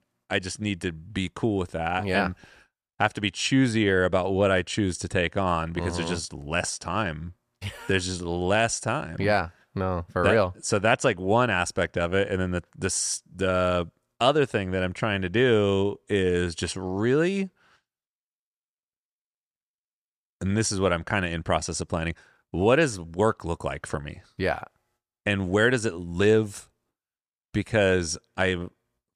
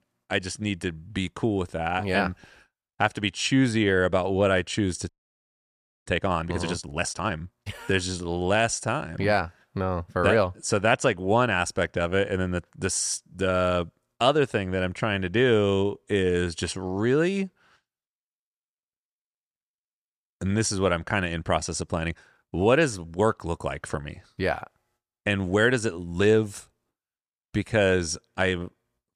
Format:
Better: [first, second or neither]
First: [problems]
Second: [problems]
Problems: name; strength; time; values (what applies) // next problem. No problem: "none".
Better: first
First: none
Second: audio freezing; at 5 s for 1 s